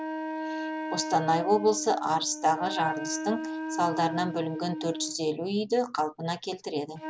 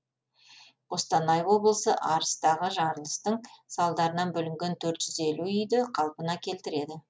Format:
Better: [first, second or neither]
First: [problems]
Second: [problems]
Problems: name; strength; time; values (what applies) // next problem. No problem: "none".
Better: second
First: background sound (Wind instrument, woodwind instrument); 7 dB below the speech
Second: none